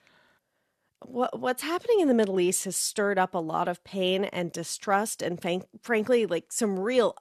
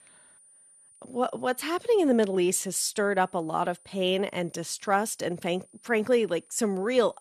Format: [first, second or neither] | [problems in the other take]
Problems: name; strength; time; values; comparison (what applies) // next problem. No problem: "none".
first | high-pitched whine; faint; throughout; 9.5 kHz, 30 dB below the speech